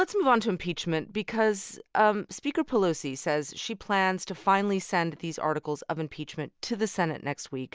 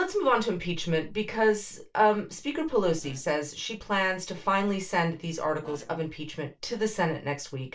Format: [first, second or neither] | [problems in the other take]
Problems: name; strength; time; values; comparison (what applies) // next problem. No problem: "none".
first | noise reduction (neural separator model SepFormer DNS4)